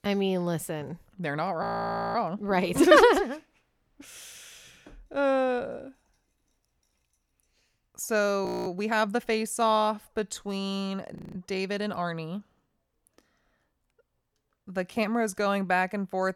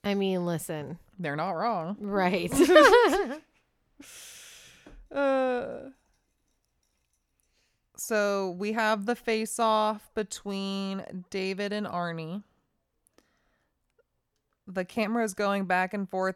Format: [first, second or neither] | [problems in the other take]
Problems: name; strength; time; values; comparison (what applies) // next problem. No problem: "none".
second | audio freezing; at 1.5 s for 0.5 s, at 8.5 s and at 11 s